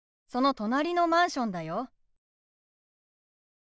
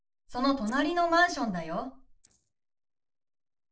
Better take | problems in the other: first | noise reduction (neural separator model SepFormer DNS4)

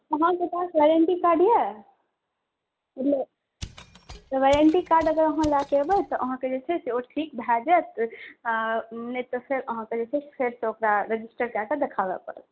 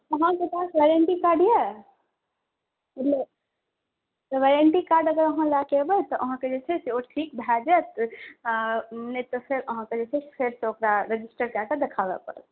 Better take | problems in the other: second | background sound (Mechanisms); 17 dB below the speech

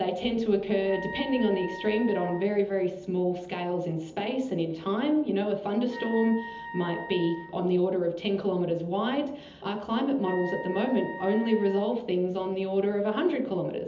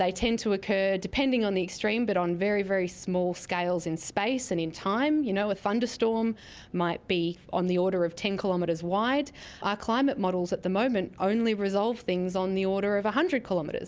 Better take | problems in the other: second | background sound (Wind instrument, woodwind instrument); 14 dB below the speech // room echo; dies away in 1.2 s

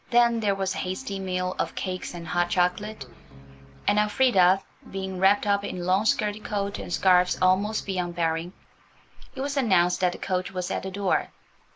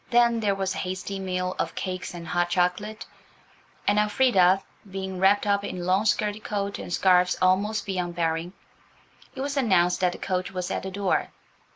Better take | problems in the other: second | background sound (Piano + Zipper (clothing)); 19 dB below the speech

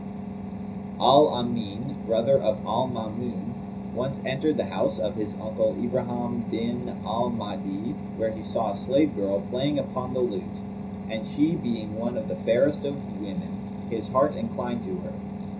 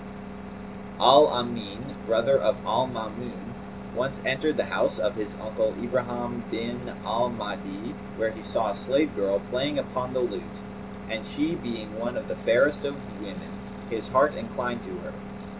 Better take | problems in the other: second | room echo; dies away in 0.4 s

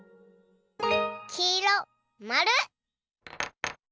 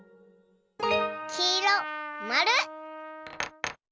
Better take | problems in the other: first | background sound (Trumpet); 10 dB below the speech

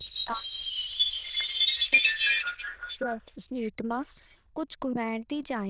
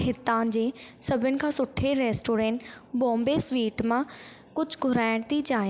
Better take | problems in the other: second | noise reduction (neural diffusion model UNIVERSE++)

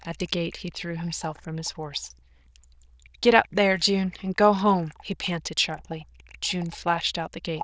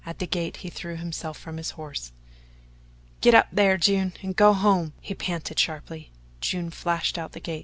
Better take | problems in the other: second | noise reduction (neural diffusion model UNIVERSE++)

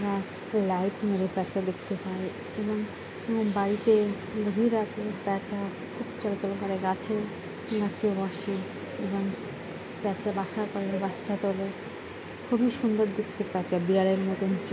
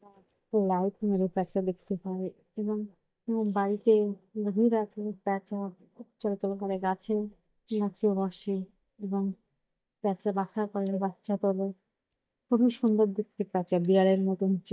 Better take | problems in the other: first | noise reduction (neural mask model DeepFilterNet 3)

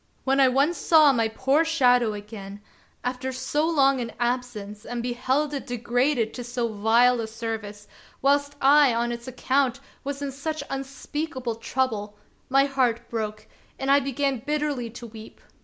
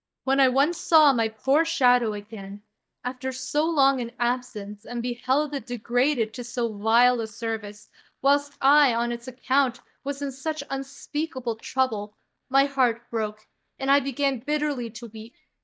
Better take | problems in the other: first | noise reduction (neural mask model DeepFilterNet 3)

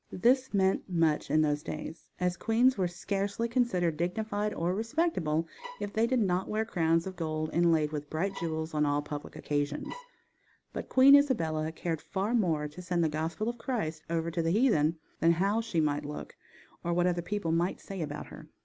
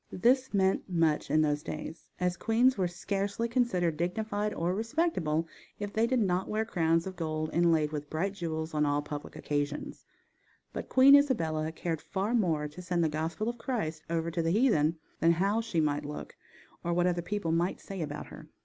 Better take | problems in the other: second | background sound (Bowed string instrument); 17 dB below the speech

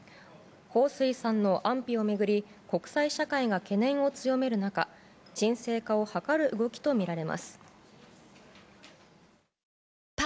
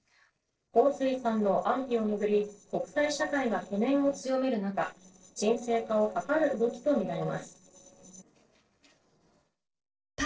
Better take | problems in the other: first | noise reduction (neural separator model SepFormer DNS4)

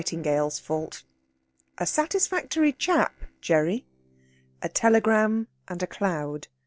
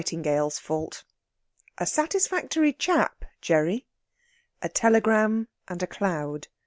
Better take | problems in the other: second | noise reduction (neural separator model SepFormer DNS4)

